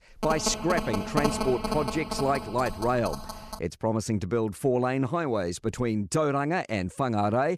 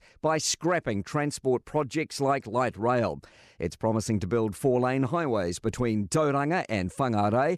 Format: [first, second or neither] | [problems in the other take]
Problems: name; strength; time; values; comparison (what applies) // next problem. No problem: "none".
second | phone ringing; loud; until 3.5 s; peak level with the speech